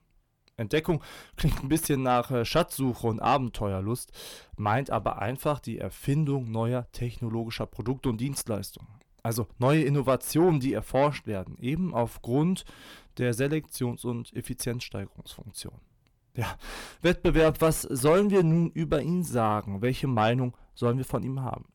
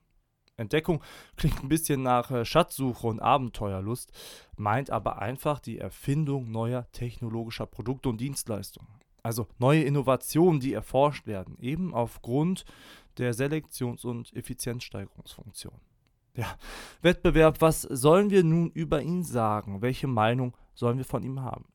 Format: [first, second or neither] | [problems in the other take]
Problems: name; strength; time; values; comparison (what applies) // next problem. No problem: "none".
second | distortion; slight; 10 dB below the speech